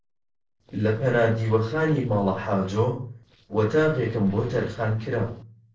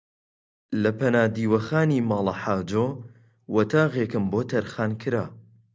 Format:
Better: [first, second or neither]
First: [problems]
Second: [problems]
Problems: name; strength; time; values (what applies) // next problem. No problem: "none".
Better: second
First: noise reduction (neural separator model SepFormer DNS4)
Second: none